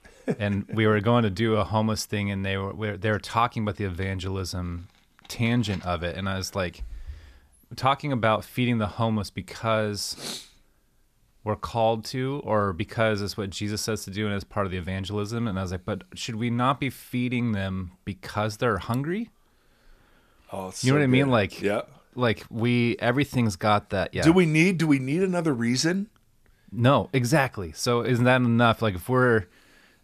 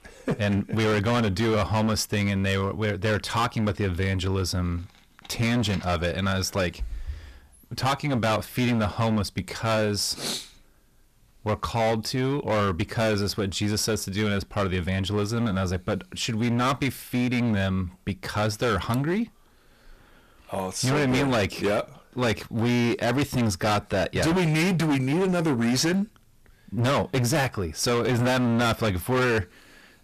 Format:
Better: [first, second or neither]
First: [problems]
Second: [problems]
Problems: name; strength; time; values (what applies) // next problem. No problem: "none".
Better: first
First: none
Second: distortion; heavy; 18% of the sound clipped